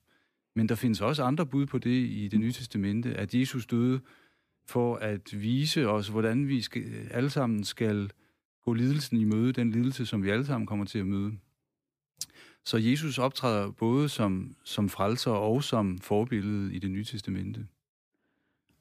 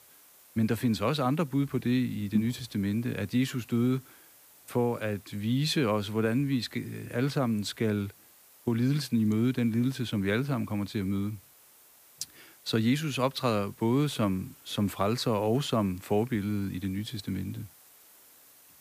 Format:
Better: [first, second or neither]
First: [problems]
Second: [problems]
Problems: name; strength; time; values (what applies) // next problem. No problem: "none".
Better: first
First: none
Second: hiss; faint; throughout; 25 dB below the speech